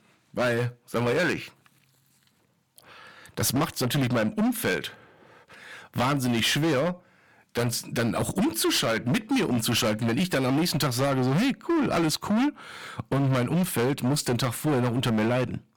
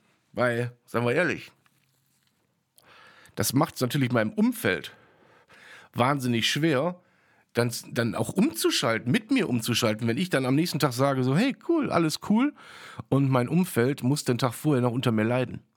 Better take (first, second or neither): second